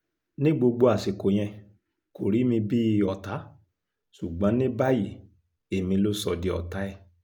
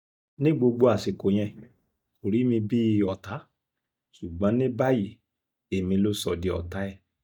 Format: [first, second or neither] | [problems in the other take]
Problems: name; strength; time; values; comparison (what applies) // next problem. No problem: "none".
first | noise reduction (neural mask model DeepFilterNet 3)